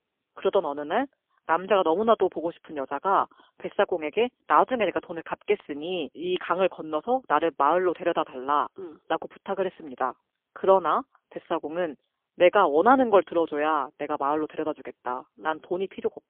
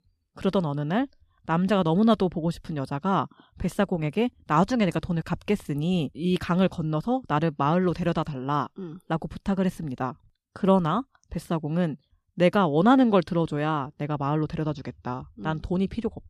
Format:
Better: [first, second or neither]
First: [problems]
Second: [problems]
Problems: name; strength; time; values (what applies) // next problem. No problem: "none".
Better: second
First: phone-call audio; poor line; nothing above 3.5 kHz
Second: none